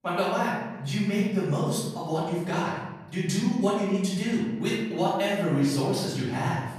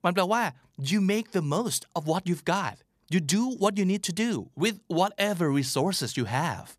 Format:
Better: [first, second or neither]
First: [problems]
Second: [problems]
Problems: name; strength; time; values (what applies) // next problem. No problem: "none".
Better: second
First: room echo; noticeable; dies away in 1.1 s // off-mic speech; far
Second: none